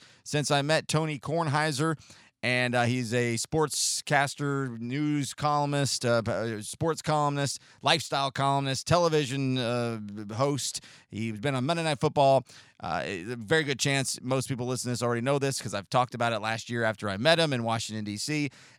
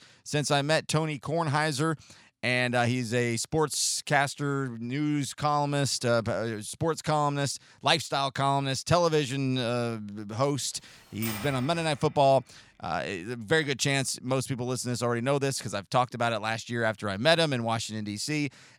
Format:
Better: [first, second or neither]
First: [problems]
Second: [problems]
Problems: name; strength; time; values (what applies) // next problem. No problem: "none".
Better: first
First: none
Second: keyboard typing; noticeable; at 11 s; peak 8 dB below the speech